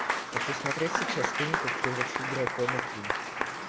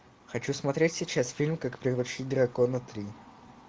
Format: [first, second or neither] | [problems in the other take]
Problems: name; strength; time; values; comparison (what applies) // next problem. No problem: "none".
second | background sound (Applause / Crowd); 4 dB above the speech